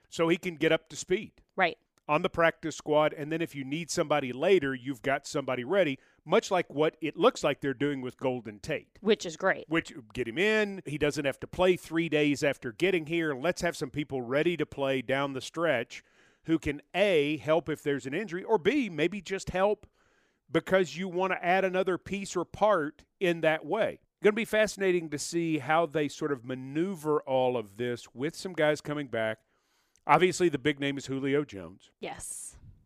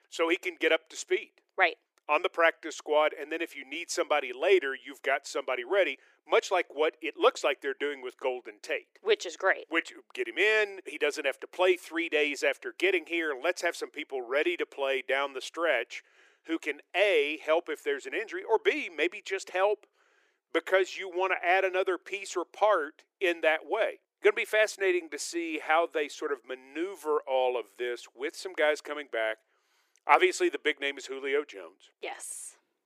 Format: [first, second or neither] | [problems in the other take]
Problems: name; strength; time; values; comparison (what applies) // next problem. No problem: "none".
first | thin; very; fading below 350 Hz